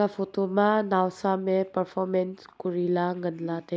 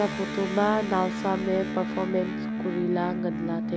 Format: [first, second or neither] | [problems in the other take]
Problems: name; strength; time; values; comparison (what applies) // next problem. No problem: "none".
first | background sound (Electric guitar); 3 dB below the speech